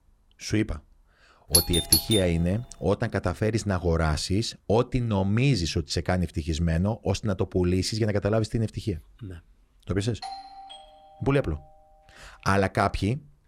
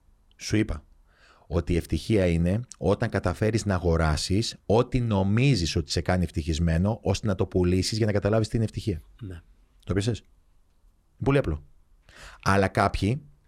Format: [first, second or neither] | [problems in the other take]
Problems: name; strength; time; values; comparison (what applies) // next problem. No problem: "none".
second | doorbell; loud; at 1.5 s; peak 6 dB above the speech // doorbell; faint; from 10 to 12 s; peak 10 dB below the speech